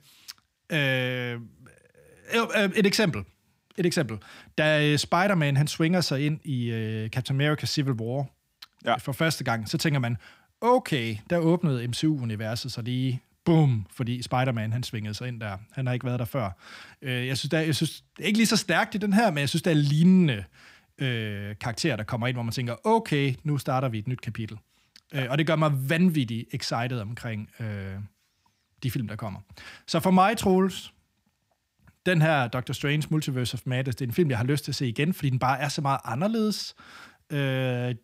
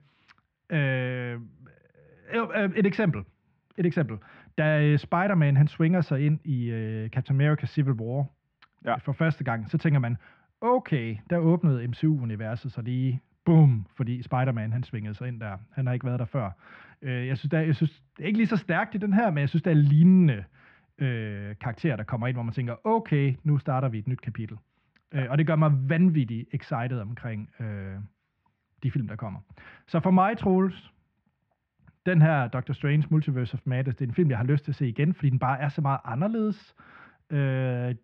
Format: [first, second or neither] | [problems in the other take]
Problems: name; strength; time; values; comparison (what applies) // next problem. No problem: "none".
first | muffled; very; fading above 2 kHz